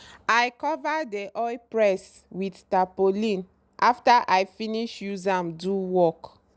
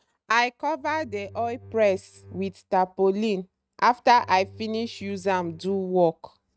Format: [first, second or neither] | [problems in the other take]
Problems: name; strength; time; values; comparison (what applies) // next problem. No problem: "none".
first | noise reduction (neural mask model RNNoise)